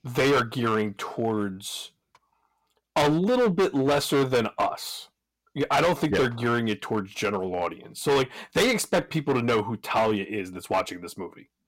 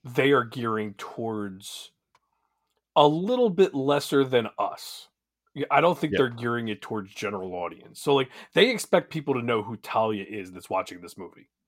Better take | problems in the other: second | distortion; heavy; 10% of the sound clipped

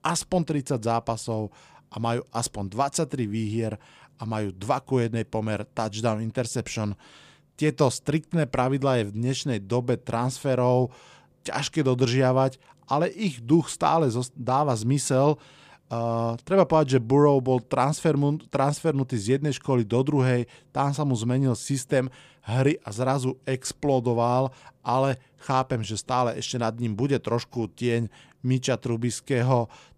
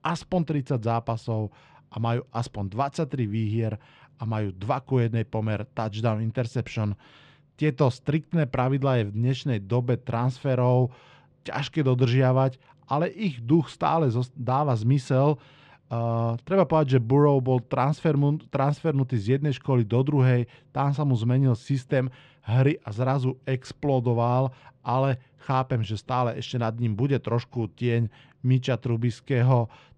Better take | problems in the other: first | muffled; slightly; fading above 3 kHz

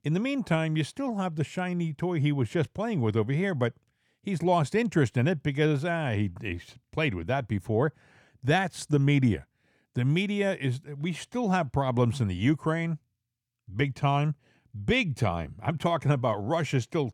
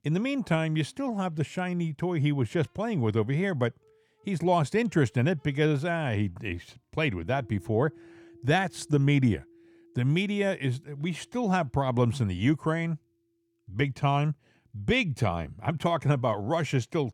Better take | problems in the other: first | background music; faint; throughout; 30 dB below the speech

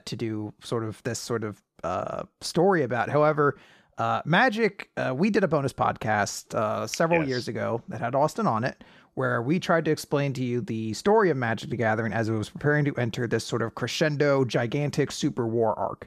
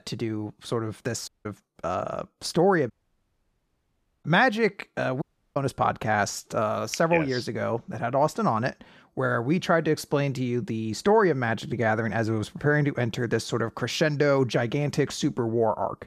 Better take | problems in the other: first | audio cutting out; at 1.5 s, at 3 s for 1.5 s and at 5 s

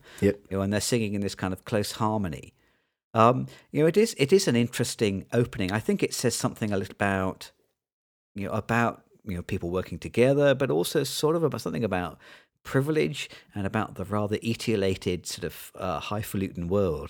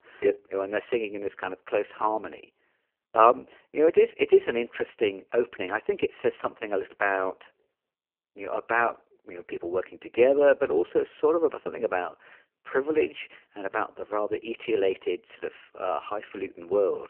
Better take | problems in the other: first | phone-call audio; poor line; nothing above 3 kHz

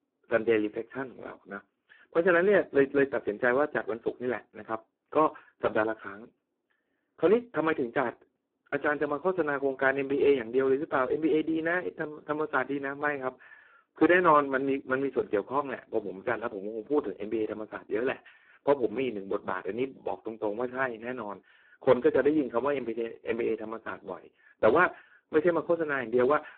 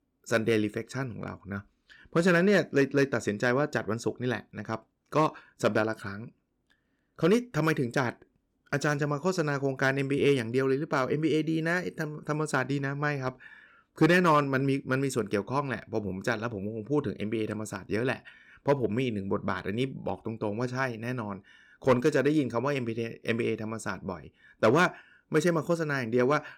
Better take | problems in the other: second | phone-call audio; poor line

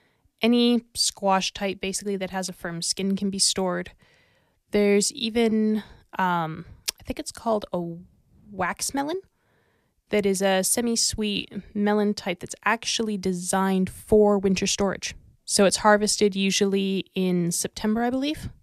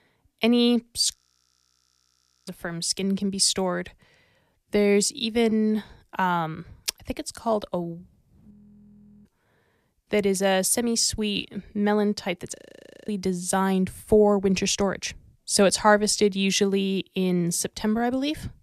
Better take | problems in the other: first | audio freezing; at 1 s for 1.5 s, at 8.5 s for 0.5 s and at 13 s for 0.5 s

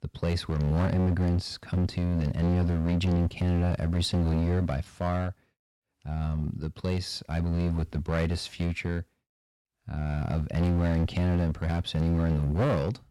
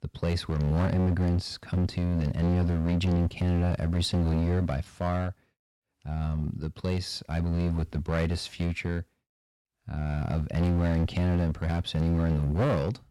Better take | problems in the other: neither | distortion; heavy; 15% of the sound clipped; the same in both

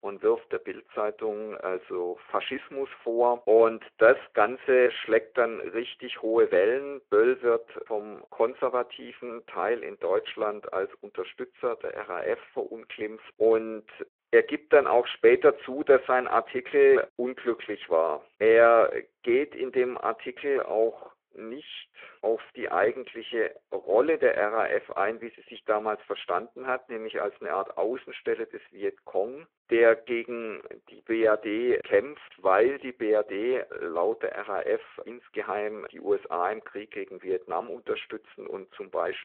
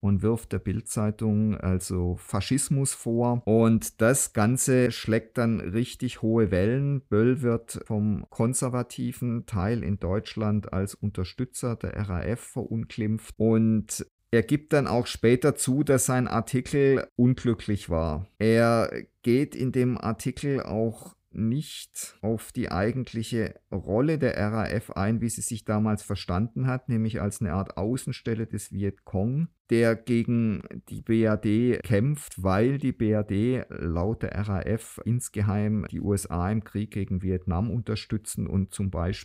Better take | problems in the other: second | phone-call audio

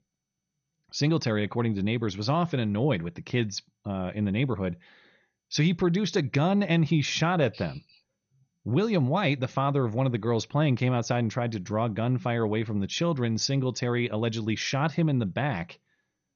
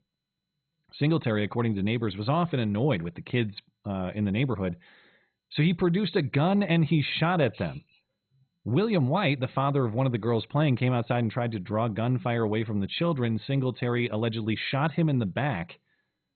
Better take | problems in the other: first | garbled, watery; badly; nothing above 4 kHz; slightly in the first

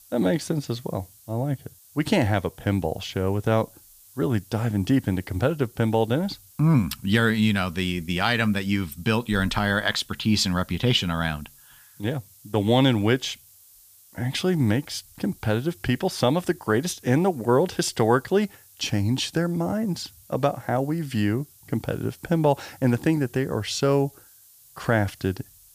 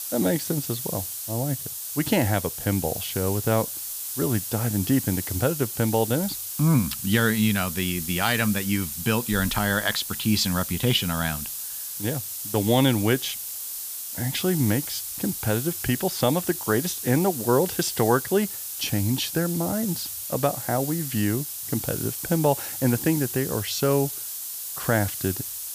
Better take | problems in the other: first | hiss; loud; throughout; 5 dB below the speech; faint in the first

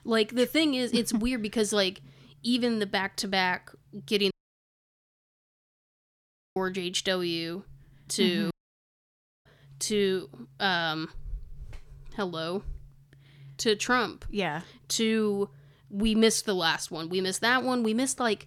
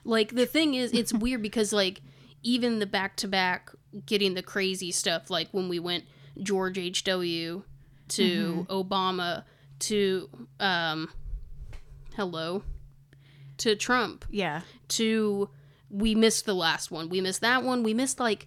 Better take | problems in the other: second | audio cutting out; at 4.5 s for 2.5 s and at 8.5 s for 1 s

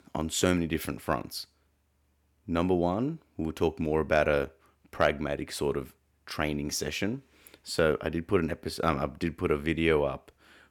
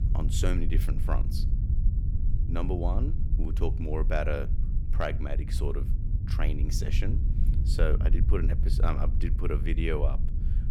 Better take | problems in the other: first | low rumble; loud; throughout; 10 dB below the speech

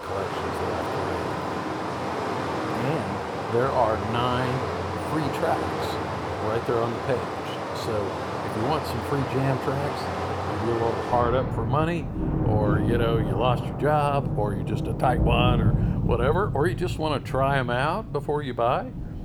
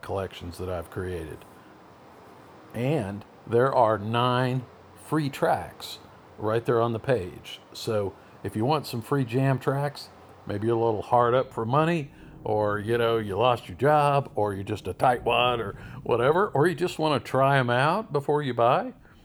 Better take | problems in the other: second | rain or running water; loud; throughout; 1 dB below the speech; faint in the second

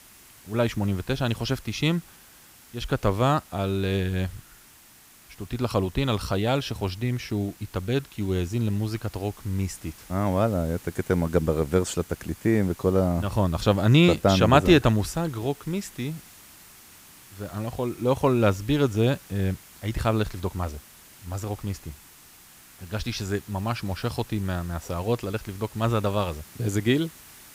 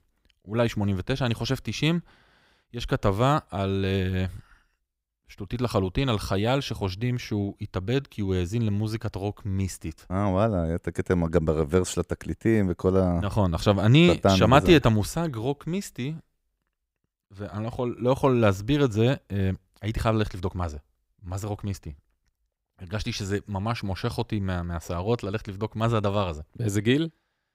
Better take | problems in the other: second | hiss; faint; throughout; 20 dB below the speech

